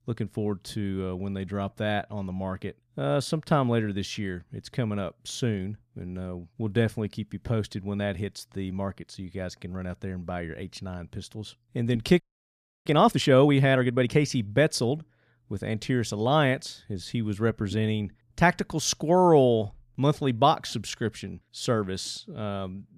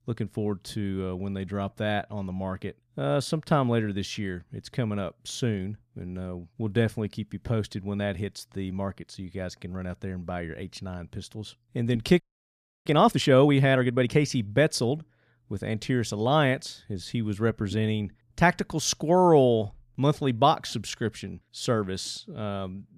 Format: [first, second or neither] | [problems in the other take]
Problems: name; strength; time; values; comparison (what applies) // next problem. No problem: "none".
neither | audio freezing; at 12 s for 0.5 s; the same in both